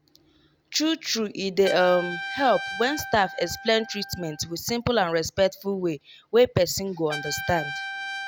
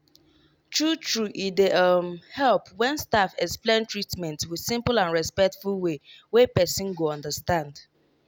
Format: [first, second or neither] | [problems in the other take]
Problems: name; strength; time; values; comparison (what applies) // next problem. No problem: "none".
second | background sound (Trumpet); 12 dB below the speech